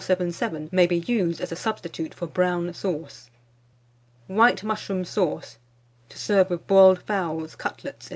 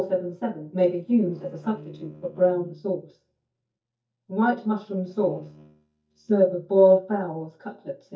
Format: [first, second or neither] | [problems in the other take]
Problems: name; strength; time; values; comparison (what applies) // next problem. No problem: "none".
first | noise reduction (neural mask model DeepFilterNet 3)